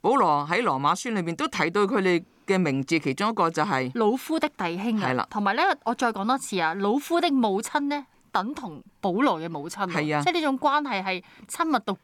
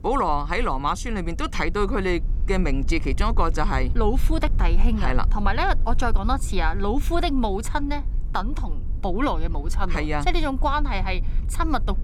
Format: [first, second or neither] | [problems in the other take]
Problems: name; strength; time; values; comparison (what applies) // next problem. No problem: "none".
first | low rumble; faint; throughout; 20 dB below the speech